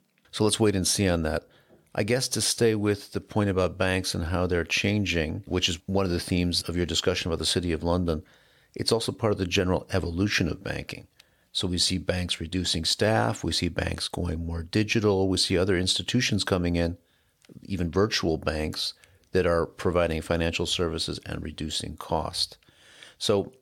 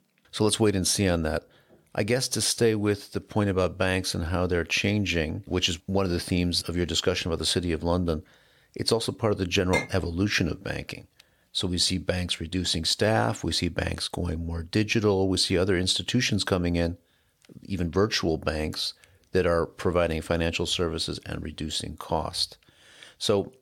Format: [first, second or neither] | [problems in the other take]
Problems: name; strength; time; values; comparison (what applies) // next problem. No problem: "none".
first | clattering dishes; noticeable; at 9.5 s; peak 4 dB below the speech